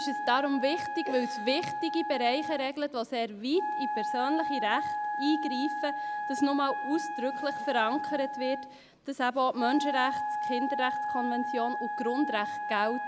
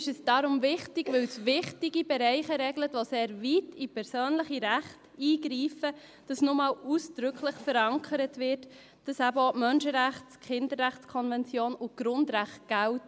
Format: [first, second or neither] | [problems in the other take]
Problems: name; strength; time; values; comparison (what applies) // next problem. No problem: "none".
second | background sound (Wind instrument, woodwind instrument); 3 dB below the speech